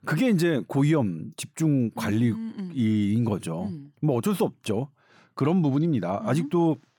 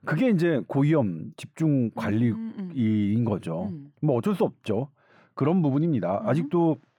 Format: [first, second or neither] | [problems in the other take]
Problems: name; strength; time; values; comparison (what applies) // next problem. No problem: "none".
first | muffled; slightly; fading above 4 kHz